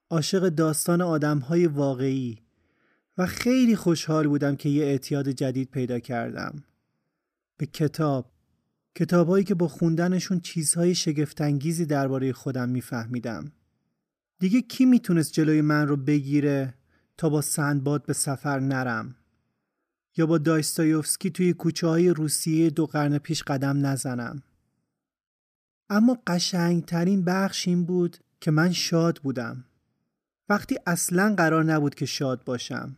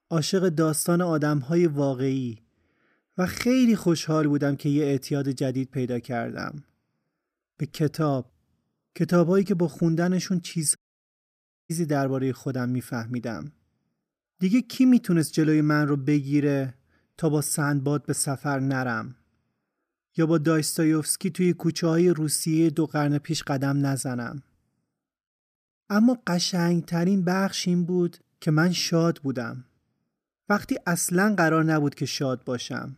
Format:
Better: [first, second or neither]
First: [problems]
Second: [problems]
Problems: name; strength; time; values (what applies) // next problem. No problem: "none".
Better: first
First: none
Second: audio cutting out; at 11 s for 1 s